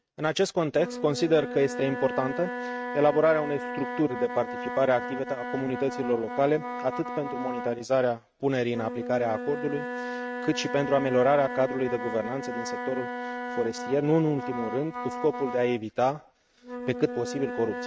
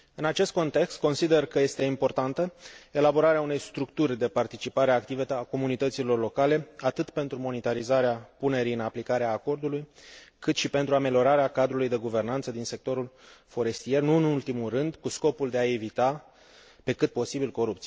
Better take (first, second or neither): second